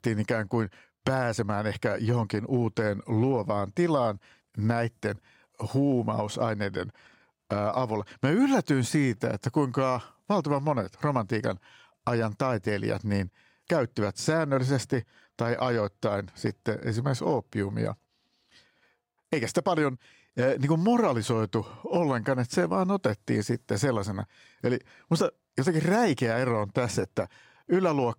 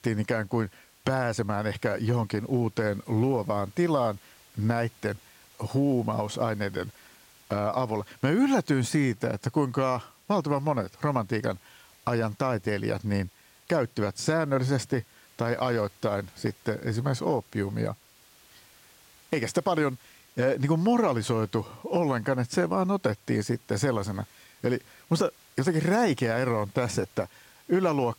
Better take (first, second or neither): first